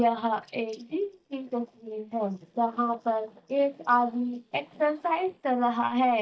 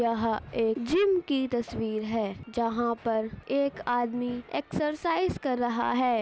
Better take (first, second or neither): second